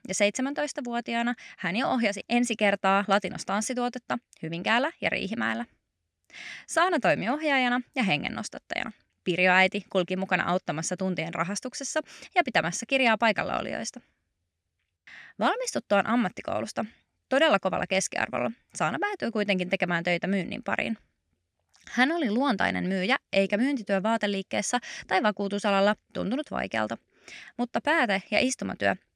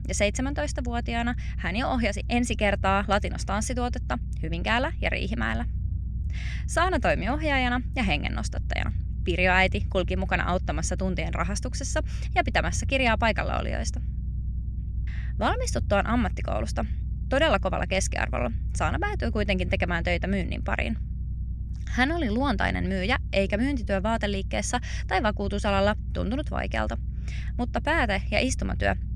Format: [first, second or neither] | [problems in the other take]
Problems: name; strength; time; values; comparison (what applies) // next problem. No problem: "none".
first | low rumble; faint; throughout; 20 dB below the speech